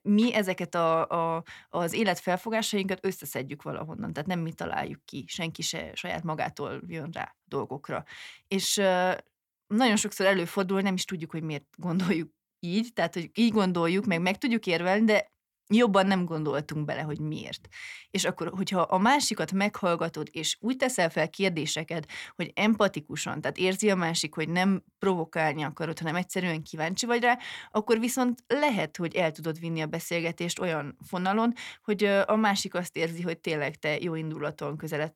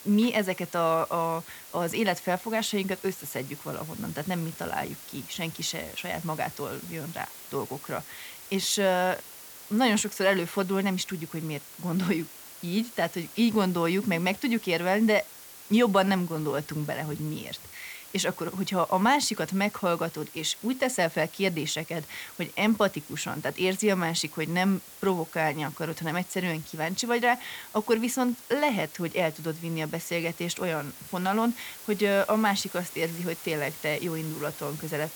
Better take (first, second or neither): first